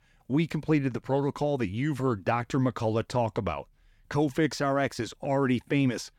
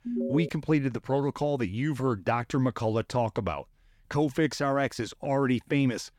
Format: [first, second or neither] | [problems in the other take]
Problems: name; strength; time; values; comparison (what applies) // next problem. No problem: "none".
first | alarm; noticeable; at the start; peak 3 dB below the speech